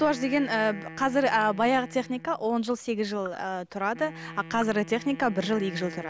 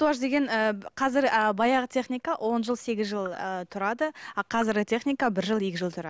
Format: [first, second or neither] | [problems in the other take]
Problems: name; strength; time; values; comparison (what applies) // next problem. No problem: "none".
second | background sound (Wind instrument, woodwind instrument); 16 dB below the speech